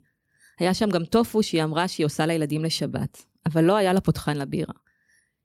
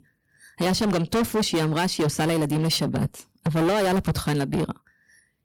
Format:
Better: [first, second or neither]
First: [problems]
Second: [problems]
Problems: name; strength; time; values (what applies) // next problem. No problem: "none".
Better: first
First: none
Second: distortion; heavy; 20% of the sound clipped